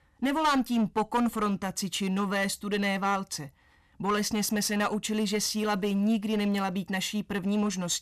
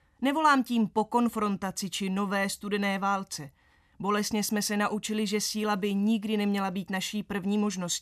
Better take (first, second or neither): second